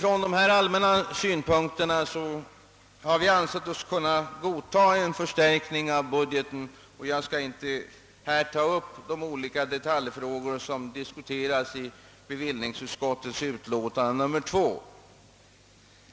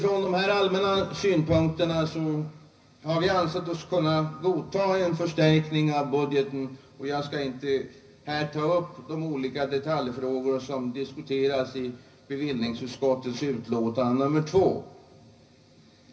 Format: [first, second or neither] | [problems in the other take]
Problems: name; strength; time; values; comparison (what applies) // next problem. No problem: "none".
first | room echo; dies away in 0.4 s